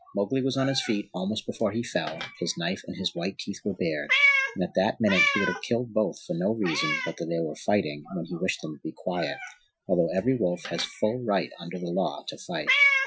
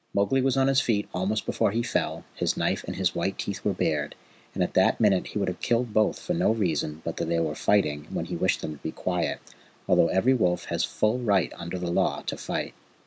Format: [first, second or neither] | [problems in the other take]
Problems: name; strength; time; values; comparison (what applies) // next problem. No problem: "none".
second | noise reduction (classical method Wiener filter)